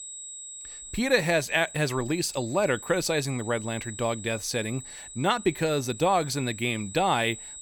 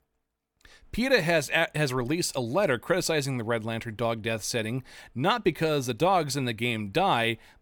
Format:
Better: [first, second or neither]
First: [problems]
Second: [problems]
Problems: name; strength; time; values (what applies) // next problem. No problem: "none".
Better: second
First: high-pitched whine; noticeable; throughout; 7.5 kHz, 15 dB below the speech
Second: none